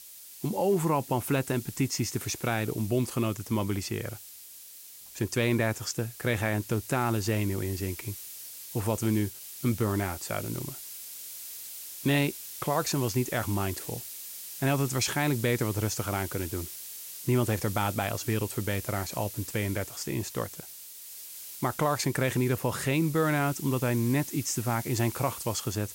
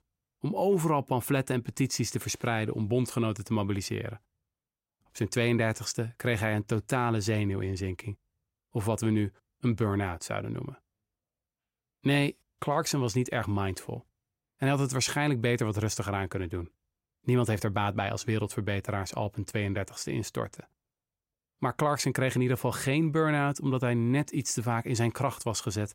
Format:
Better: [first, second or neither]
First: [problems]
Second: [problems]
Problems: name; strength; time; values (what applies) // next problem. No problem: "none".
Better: second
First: hiss; noticeable; throughout; 10 dB below the speech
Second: none